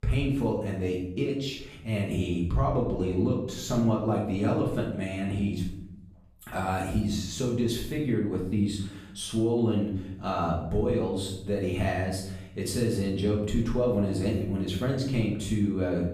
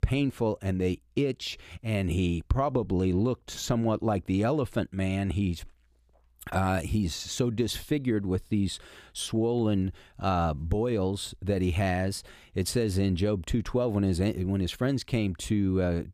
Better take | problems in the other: second | room echo; noticeable; dies away in 0.6 s // off-mic speech; far

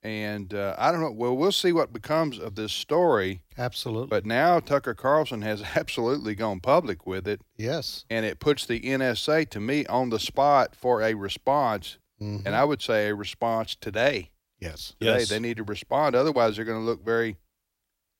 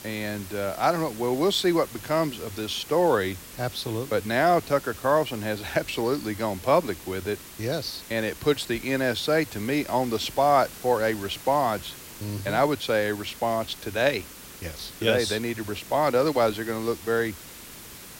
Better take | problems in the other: first | hiss; noticeable; throughout; 15 dB below the speech

